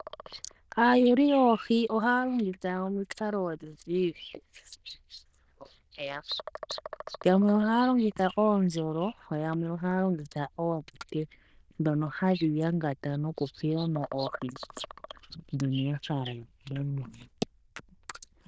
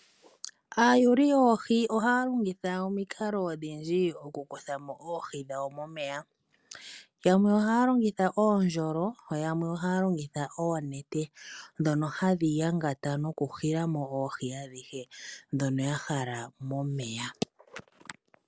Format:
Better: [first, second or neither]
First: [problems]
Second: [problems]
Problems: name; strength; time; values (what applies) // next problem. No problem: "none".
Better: second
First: noise reduction (neural diffusion model UNIVERSE++)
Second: none